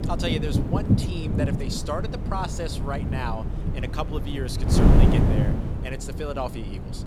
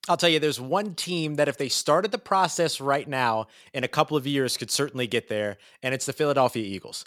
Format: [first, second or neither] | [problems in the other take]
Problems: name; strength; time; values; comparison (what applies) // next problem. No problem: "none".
second | wind noise on the microphone; heavy; 1 dB below the speech